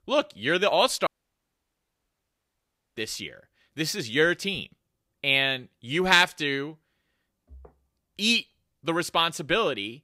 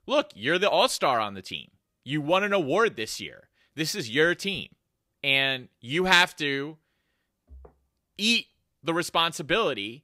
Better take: second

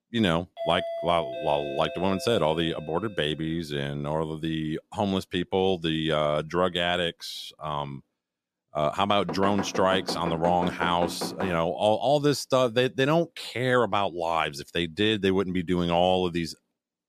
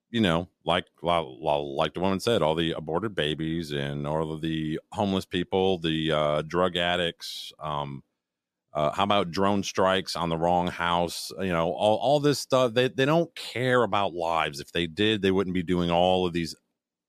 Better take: second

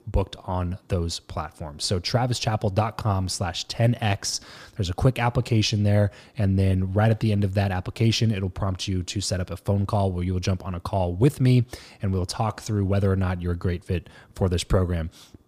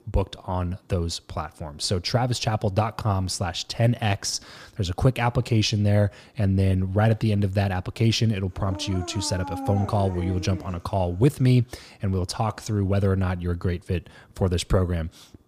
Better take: first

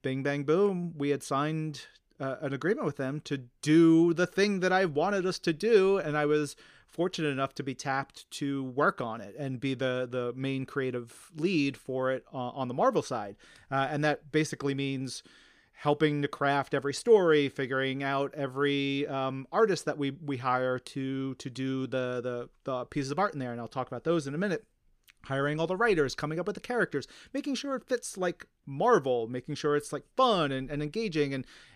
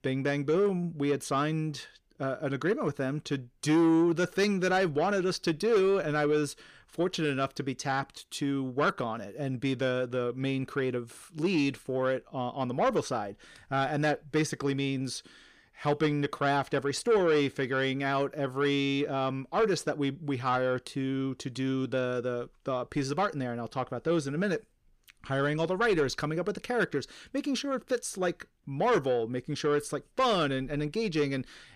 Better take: first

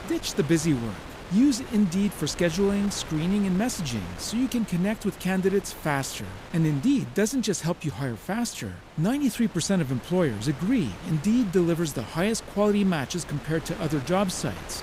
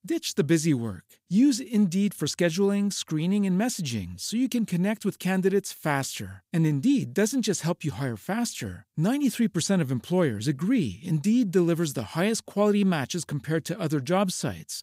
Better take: second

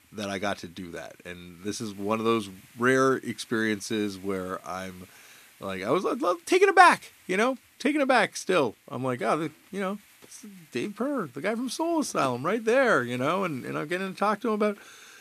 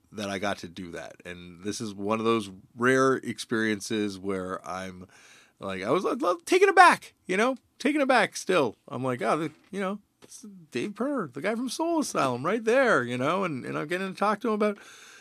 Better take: second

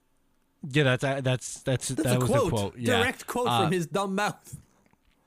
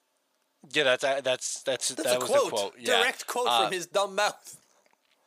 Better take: first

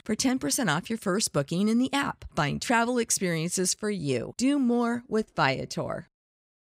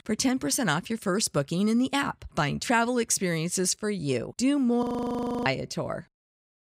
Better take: first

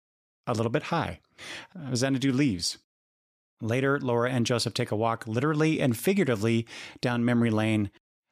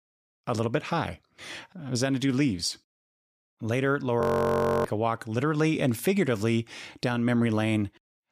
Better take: first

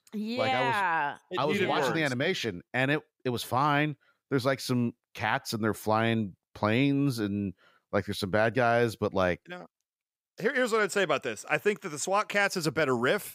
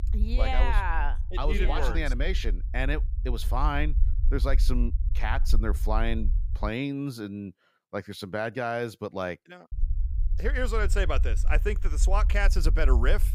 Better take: first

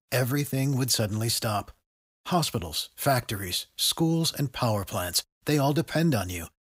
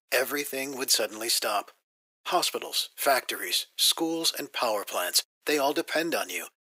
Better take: first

